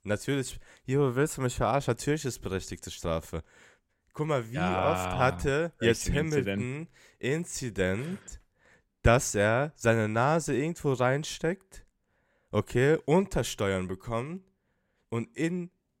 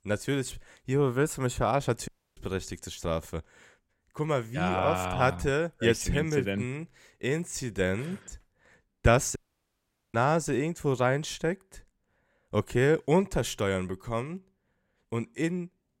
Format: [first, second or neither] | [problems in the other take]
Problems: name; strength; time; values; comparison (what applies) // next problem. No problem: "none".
first | audio cutting out; at 2 s and at 9.5 s for 1 s